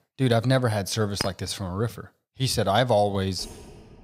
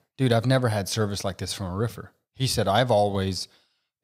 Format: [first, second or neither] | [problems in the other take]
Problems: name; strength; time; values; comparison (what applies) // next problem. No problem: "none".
second | clattering dishes; noticeable; at 1 s; peak 7 dB below the speech // keyboard typing; faint; at 3.5 s; peak 20 dB below the speech